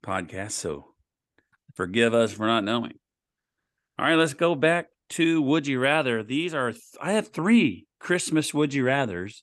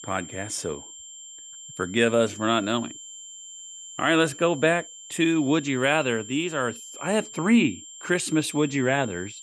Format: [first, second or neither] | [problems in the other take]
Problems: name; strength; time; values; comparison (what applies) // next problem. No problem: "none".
first | high-pitched whine; noticeable; throughout; 7.5 kHz, 15 dB below the speech